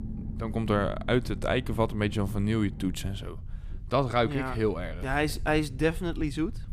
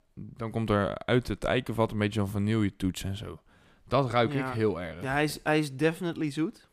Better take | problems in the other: second | low rumble; faint; throughout; 20 dB below the speech

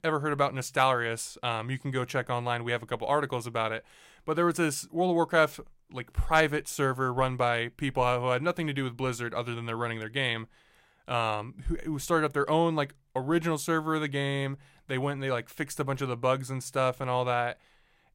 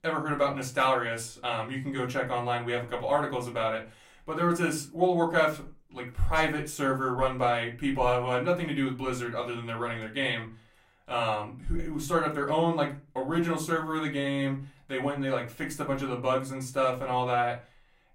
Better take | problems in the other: first | off-mic speech; far // room echo; very slight; dies away in 0.3 s

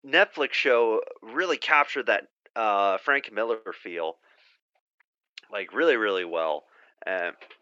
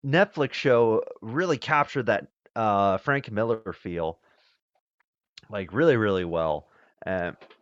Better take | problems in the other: second | thin; somewhat; fading below 300 Hz

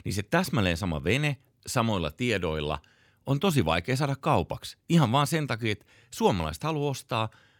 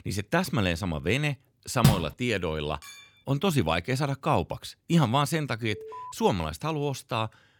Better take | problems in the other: first | door banging; loud; at 2 s; peak 4 dB above the speech // clattering dishes; faint; at 3 s; peak 15 dB below the speech // alarm; faint; at 5.5 s; peak 15 dB below the speech

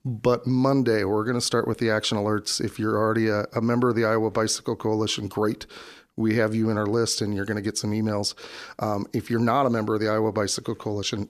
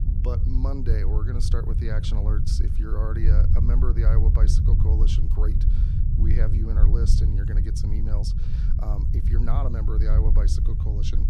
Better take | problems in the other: first | low rumble; loud; throughout; 2 dB below the speech

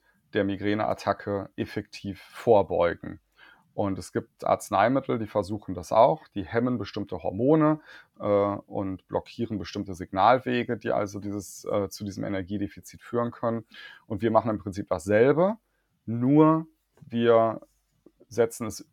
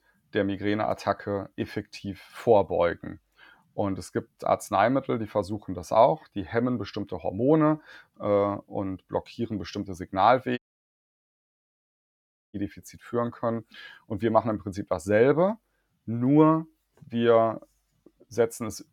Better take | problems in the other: first | audio cutting out; at 11 s for 2 s

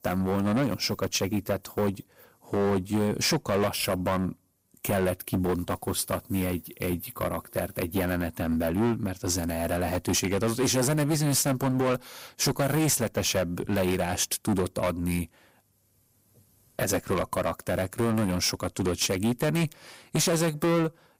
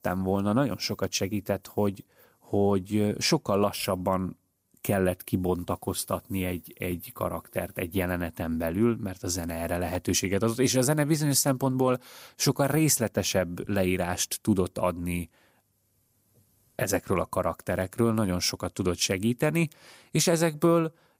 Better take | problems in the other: second | distortion; heavy; 12% of the sound clipped

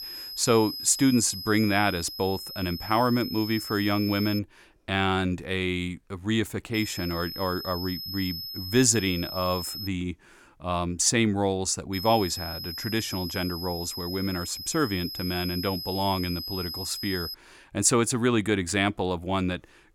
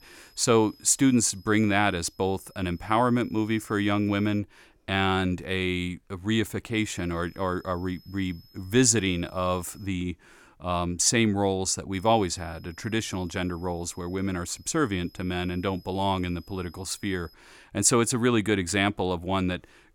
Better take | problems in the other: second | high-pitched whine; loud; until 4.5 s, from 6.5 to 10 s and from 12 to 17 s; 5 kHz, 8 dB below the speech; faint in the second

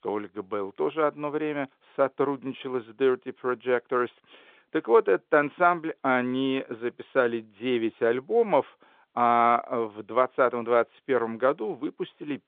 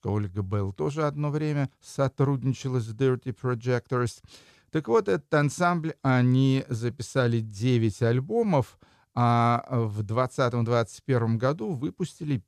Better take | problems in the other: second | phone-call audio; nothing above 3.5 kHz

